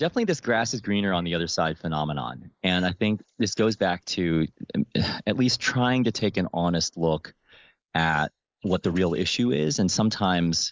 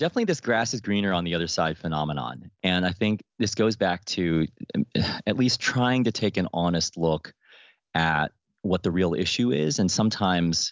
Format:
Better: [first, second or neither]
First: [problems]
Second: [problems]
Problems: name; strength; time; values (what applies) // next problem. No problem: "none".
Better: second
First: noise reduction (neural mask model Resemble Enhance denoiser)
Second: none